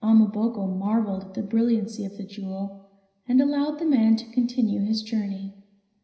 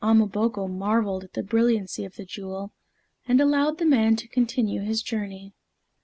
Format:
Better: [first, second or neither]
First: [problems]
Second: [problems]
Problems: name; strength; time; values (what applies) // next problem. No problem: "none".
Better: second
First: room echo; dies away in 0.9 s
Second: none